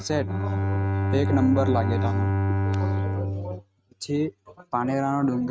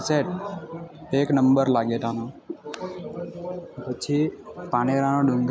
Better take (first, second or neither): second